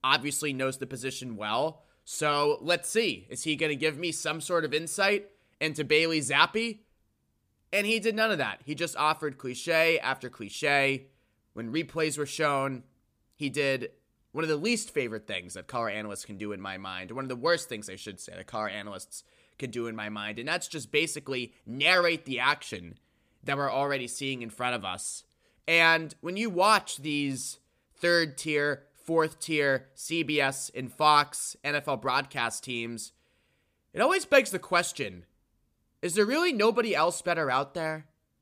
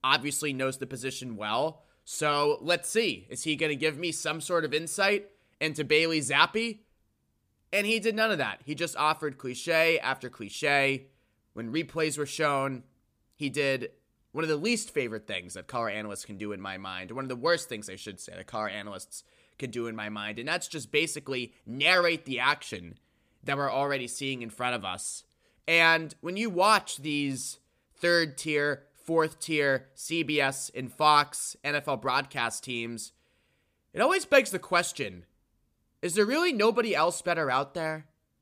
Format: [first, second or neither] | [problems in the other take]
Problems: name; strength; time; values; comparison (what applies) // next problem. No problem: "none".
neither | none